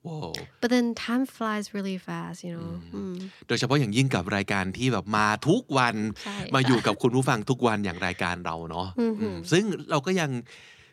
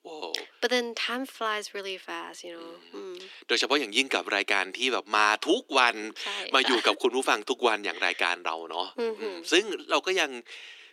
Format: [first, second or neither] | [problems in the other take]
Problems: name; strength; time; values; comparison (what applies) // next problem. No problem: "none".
first | thin; somewhat; fading below 300 Hz